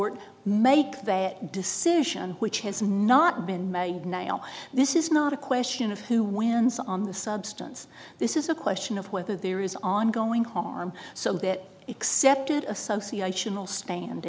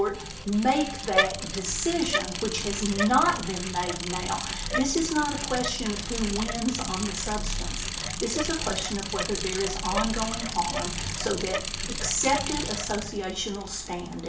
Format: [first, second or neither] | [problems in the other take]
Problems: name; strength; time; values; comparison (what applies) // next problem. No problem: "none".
first | background sound (Bicycle); 3 dB below the speech // room echo; dies away in 0.3 s